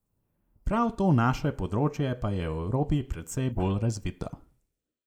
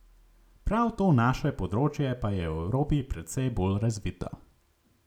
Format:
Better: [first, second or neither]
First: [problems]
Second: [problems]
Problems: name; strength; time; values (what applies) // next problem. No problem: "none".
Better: second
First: noise reduction (neural mask model Resemble Enhance denoiser)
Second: none